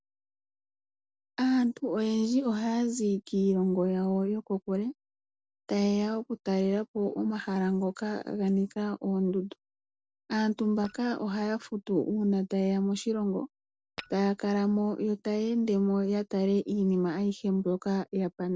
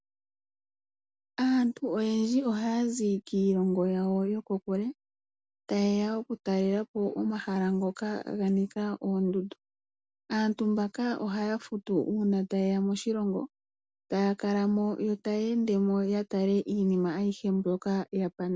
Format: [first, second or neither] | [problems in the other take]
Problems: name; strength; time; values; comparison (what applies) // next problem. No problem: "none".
second | noise reduction (neural separator model SepFormer DNS4)